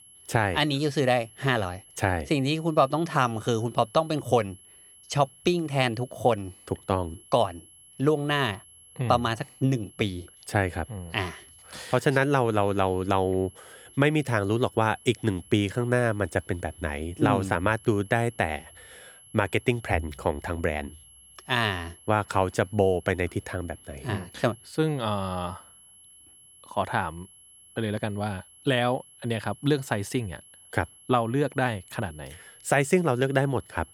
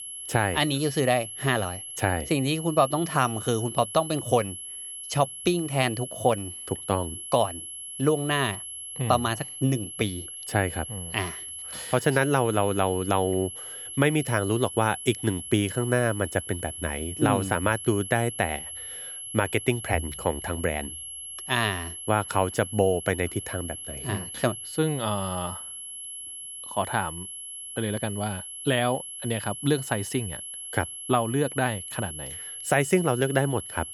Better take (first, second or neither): first